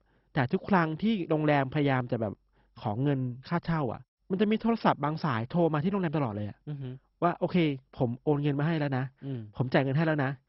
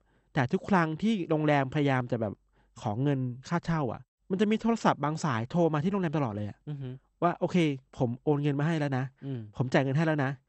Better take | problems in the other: second | garbled, watery; badly; nothing above 5.5 kHz; slightly in the second

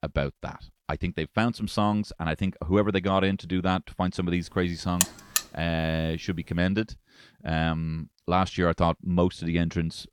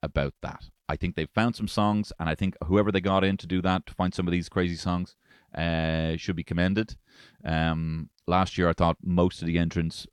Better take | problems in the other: second | alarm; loud; at 5 s; peak 3 dB above the speech

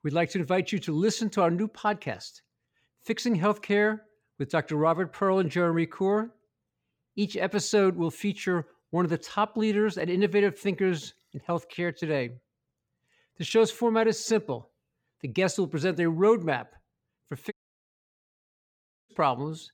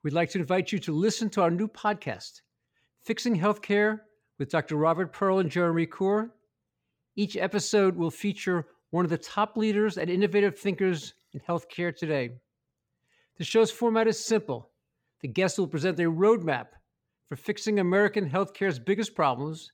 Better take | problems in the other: second | audio cutting out; at 18 s for 1.5 s

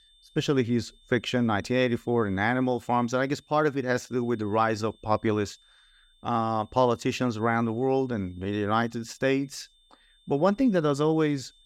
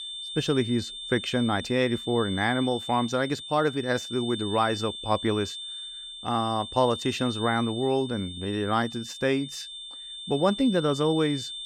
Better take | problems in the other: first | high-pitched whine; loud; throughout; 3.5 kHz, 9 dB below the speech; faint in the first

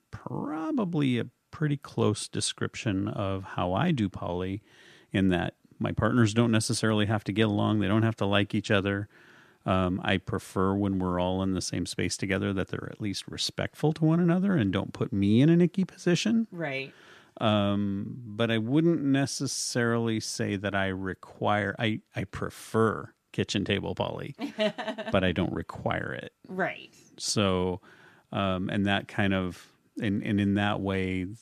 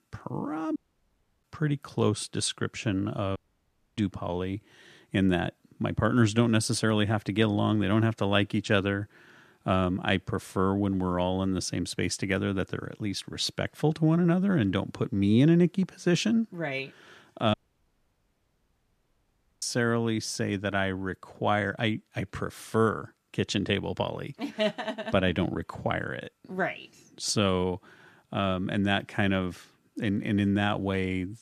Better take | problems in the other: first | audio cutting out; at 1 s for 0.5 s, at 3.5 s for 0.5 s and at 18 s for 2 s

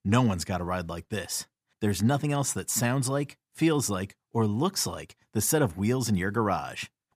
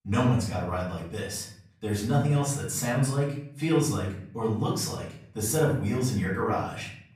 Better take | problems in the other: first | room echo; noticeable; dies away in 0.6 s // off-mic speech; far

